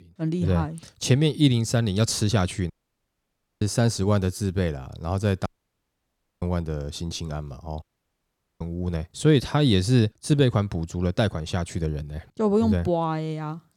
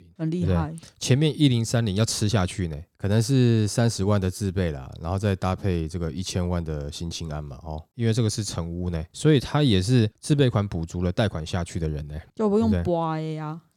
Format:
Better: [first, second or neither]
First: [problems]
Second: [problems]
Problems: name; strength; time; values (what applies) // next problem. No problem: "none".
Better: second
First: audio cutting out; at 2.5 s for 1 s, at 5.5 s for 1 s and at 8 s for 1 s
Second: none